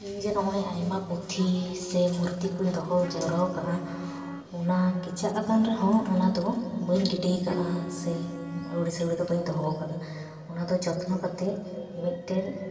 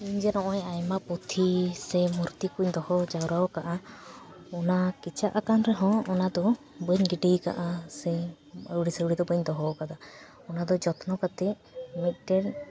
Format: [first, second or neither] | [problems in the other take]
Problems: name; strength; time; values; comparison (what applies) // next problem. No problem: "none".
second | background sound (Wind instrument, woodwind instrument); 14 dB below the speech // room echo; dies away in 2.5 s